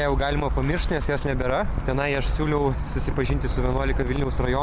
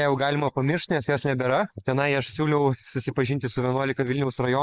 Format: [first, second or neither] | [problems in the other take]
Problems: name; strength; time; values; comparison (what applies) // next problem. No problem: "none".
first | noise reduction (neural mask model Resemble Enhance denoiser)